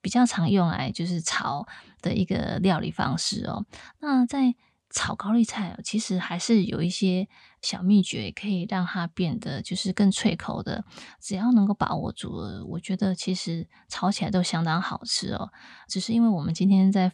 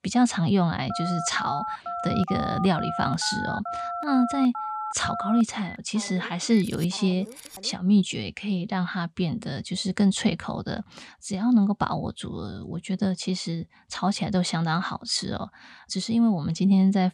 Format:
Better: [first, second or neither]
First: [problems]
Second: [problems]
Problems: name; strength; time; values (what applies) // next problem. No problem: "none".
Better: first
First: none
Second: phone ringing; noticeable; from 1 to 7.5 s; peak 5 dB below the speech